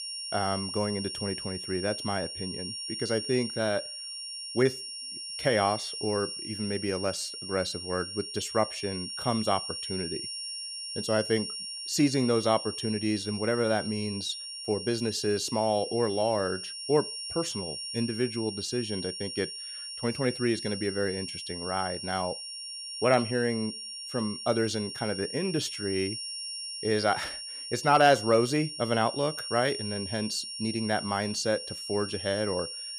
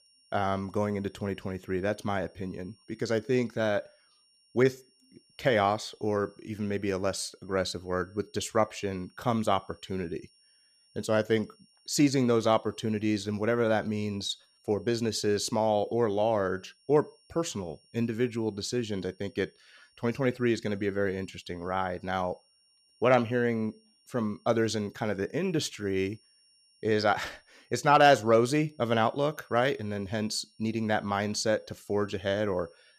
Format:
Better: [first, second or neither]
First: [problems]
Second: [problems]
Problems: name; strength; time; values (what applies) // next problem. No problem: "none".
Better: second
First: high-pitched whine; loud; throughout; 5.5 kHz, 6 dB below the speech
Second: high-pitched whine; faint; throughout; 5.5 kHz, 35 dB below the speech